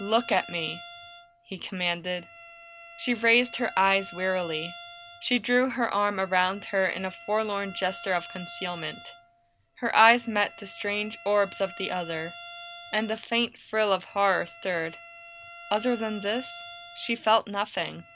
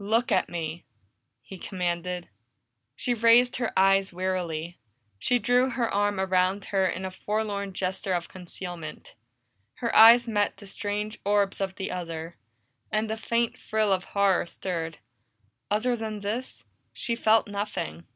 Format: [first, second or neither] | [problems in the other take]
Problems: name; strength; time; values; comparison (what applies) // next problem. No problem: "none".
second | background sound (Bowed string instrument); 17 dB below the speech